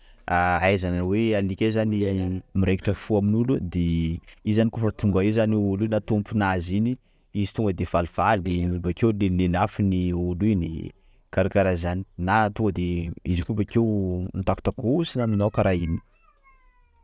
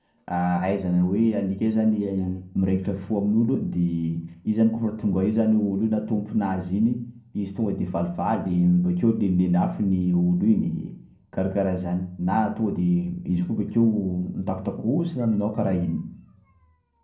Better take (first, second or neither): first